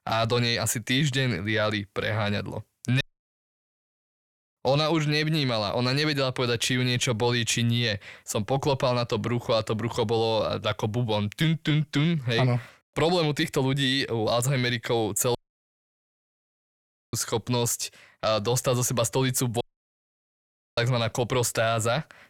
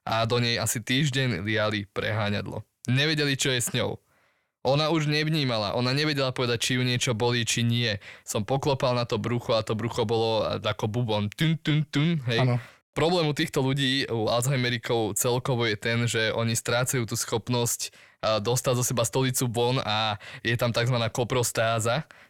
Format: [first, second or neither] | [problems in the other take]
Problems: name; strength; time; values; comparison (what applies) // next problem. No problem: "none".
second | audio cutting out; at 3 s for 1.5 s, at 15 s for 2 s and at 20 s for 1 s